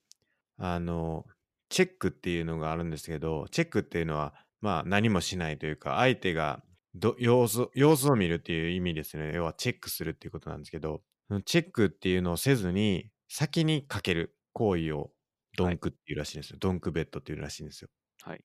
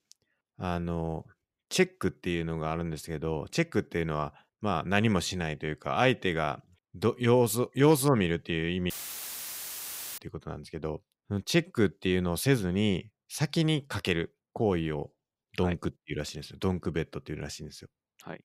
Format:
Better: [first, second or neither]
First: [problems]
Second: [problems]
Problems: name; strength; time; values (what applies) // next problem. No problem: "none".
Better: first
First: none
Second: audio cutting out; filled with static; at 9 s for 1.5 s